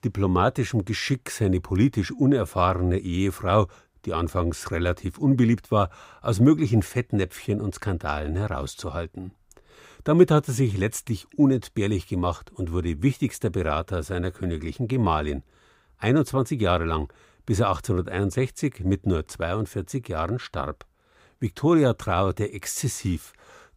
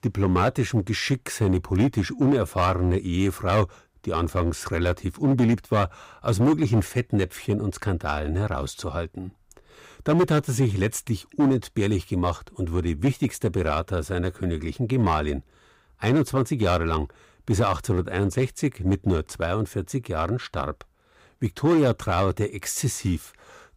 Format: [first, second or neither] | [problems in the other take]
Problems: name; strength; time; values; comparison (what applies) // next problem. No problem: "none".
first | distortion; slight; 4% of the sound clipped